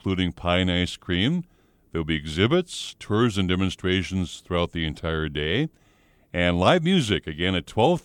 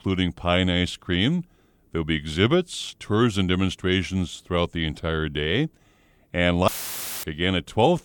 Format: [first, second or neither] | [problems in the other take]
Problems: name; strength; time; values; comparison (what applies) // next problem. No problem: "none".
first | audio cutting out; filled with static; at 6.5 s for 0.5 s